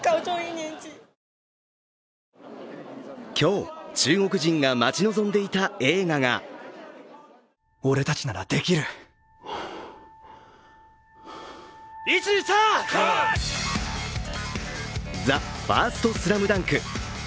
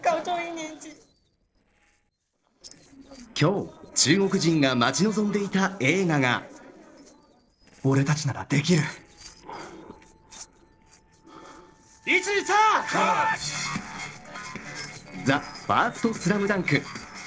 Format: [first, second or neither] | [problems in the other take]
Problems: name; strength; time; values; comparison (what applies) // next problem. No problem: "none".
first | noise reduction (neural separator model SepFormer DNS4)